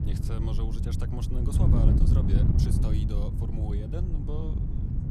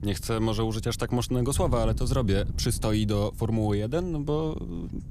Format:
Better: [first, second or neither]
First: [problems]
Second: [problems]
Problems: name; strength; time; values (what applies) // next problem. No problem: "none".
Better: second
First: wind noise on the microphone; heavy; 3 dB above the speech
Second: wind noise on the microphone; occasional gusts; 20 dB below the speech